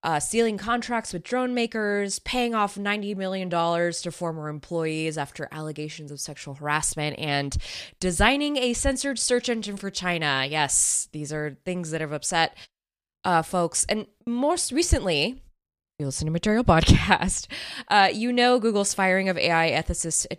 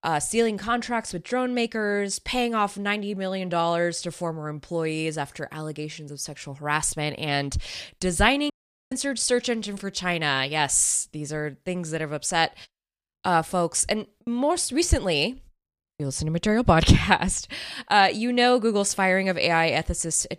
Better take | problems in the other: first | audio cutting out; at 8.5 s

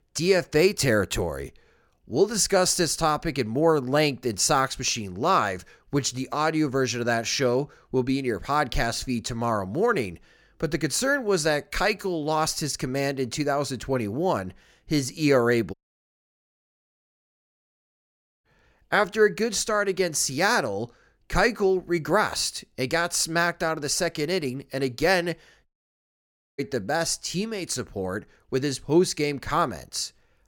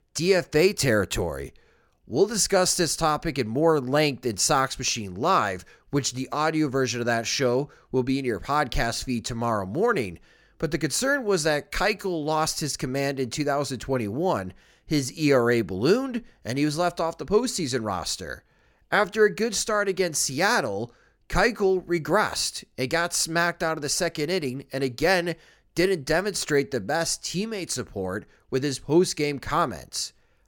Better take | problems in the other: second | audio cutting out; at 16 s for 2.5 s and at 26 s for 1 s

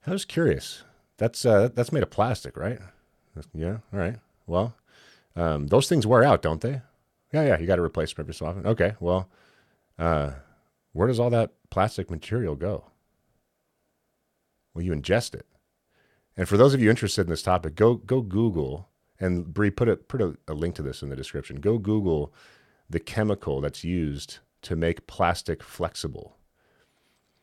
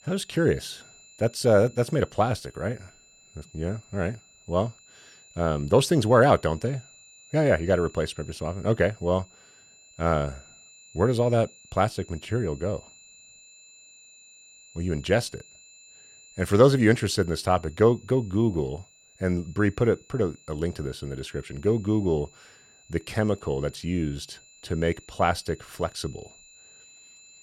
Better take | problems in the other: first | high-pitched whine; faint; throughout; 7 kHz, 25 dB below the speech

